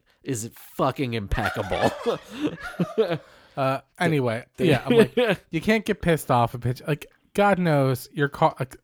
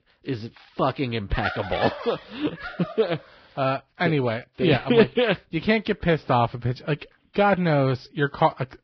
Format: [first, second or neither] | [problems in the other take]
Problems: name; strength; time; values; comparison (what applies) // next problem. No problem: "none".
first | garbled, watery; badly; nothing above 5 kHz